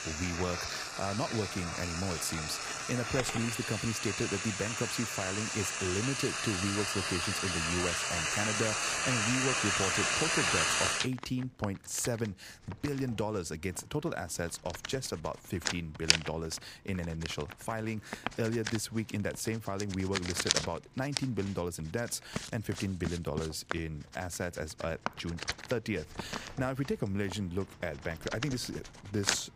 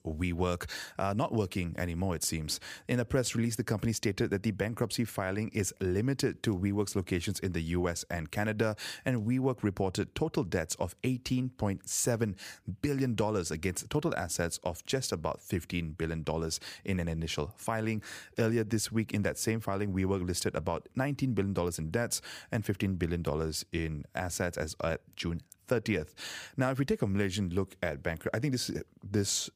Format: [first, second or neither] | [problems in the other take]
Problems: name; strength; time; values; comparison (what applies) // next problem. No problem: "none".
second | household noises; very loud; throughout; 2 dB above the speech